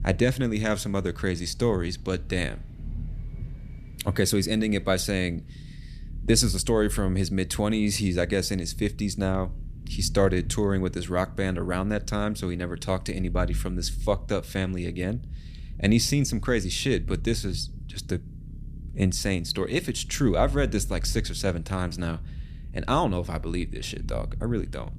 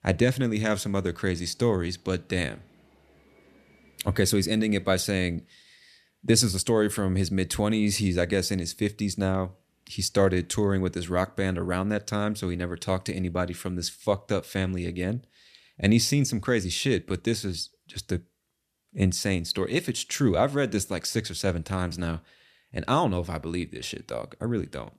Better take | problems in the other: second | low rumble; faint; throughout; 25 dB below the speech

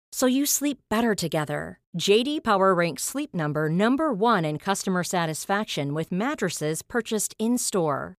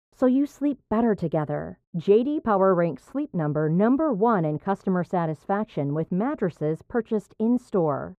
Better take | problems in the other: first | muffled; very; fading above 2.5 kHz

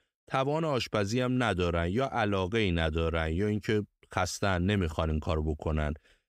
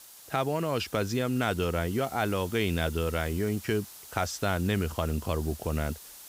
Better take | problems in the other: first | hiss; noticeable; throughout; 15 dB below the speech

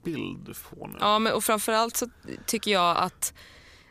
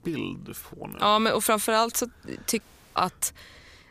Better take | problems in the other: first | audio cutting out; at 2.5 s

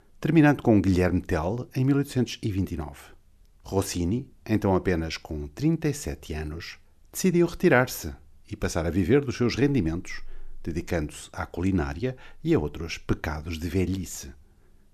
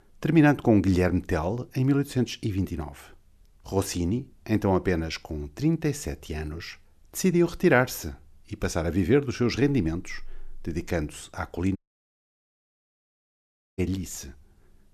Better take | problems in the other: first | audio cutting out; at 12 s for 2 s

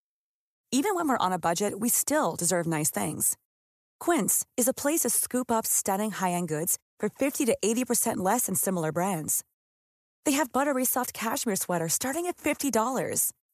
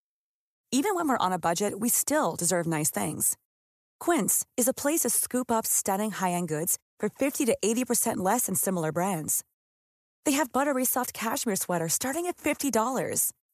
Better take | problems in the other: neither | none

